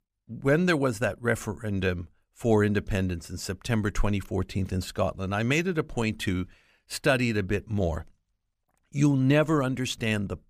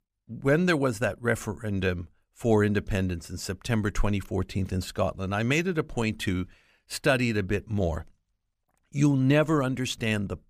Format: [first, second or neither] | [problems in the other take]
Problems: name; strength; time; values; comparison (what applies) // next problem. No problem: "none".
neither | none